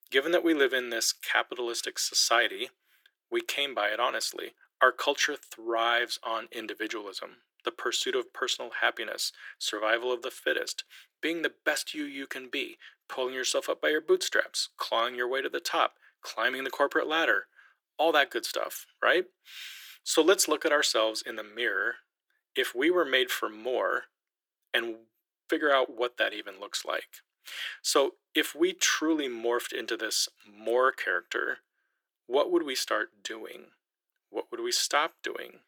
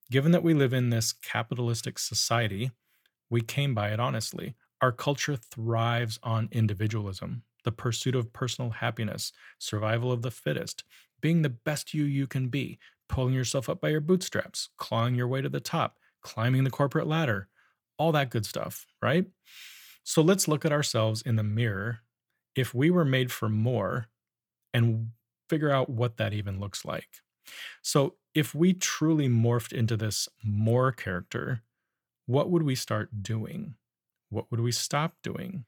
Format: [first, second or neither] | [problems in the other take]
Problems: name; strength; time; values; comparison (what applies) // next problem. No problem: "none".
second | thin; very; fading below 350 Hz